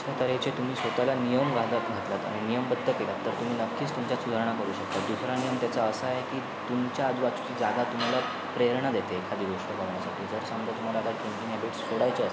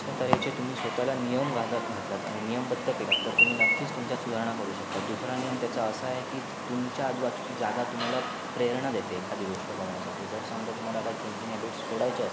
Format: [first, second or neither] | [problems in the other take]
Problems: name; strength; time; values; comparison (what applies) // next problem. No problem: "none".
first | background sound (Chirp, tweet); 4 dB below the speech